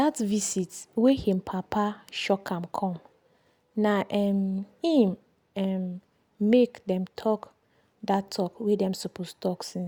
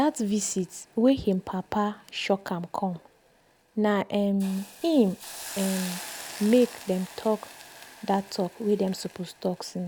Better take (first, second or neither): first